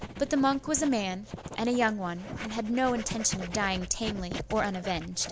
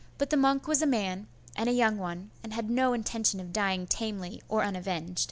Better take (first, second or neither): second